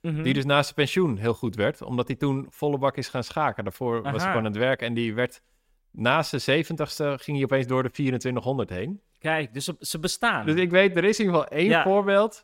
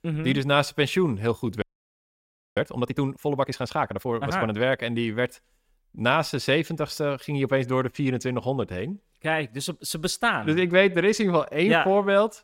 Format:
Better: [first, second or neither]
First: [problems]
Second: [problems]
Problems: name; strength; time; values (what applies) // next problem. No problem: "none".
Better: first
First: none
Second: audio freezing; at 1.5 s for 1 s